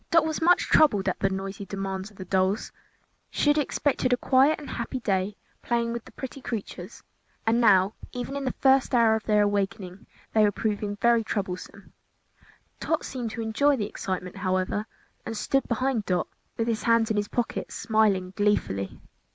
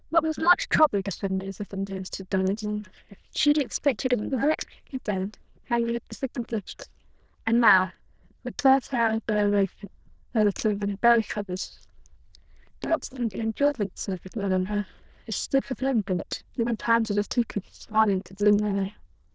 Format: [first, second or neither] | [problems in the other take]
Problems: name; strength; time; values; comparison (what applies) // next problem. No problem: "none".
first | noise reduction (neural diffusion model UNIVERSE++)